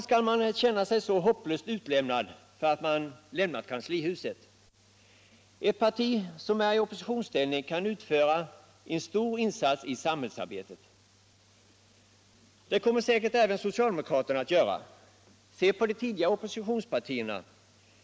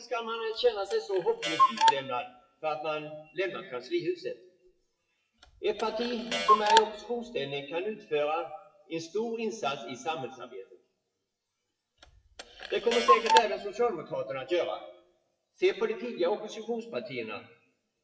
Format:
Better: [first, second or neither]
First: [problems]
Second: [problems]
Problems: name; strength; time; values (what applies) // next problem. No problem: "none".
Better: first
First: none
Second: noise reduction (classical method WPE with log-MMSE)